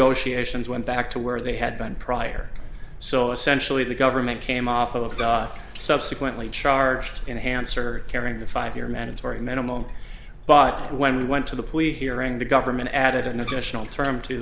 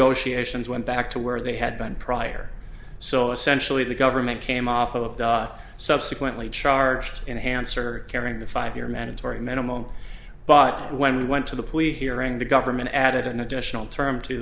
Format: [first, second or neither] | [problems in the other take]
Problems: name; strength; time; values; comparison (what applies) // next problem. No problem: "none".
second | background sound (Bathtub (filling or washing)); 10 dB below the speech